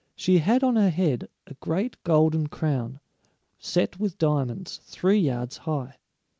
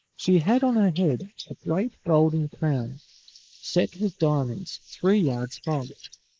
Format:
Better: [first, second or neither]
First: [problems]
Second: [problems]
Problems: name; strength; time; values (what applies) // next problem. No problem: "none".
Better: first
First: none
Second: noise reduction (neural mask model Resemble Enhance denoiser)